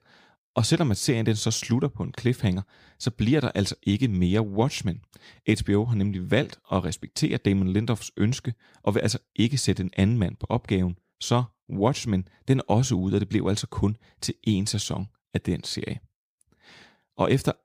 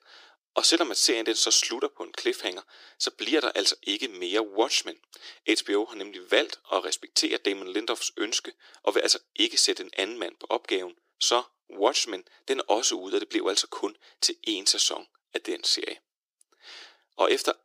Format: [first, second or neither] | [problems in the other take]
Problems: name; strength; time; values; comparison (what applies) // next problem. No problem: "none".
first | thin; very; fading below 350 Hz